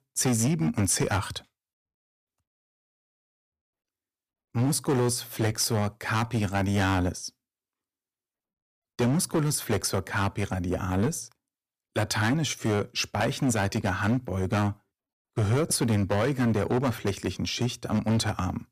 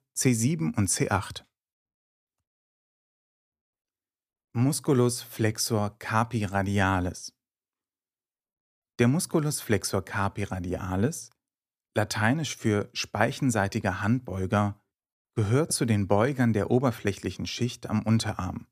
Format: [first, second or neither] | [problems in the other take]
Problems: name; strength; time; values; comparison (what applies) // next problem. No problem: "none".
second | distortion; heavy; 8% of the sound clipped